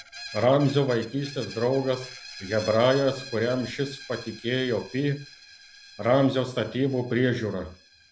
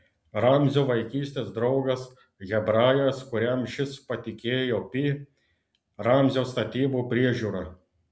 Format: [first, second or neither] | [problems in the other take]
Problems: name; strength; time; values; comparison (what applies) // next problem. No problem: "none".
second | background sound (Screech); 18 dB below the speech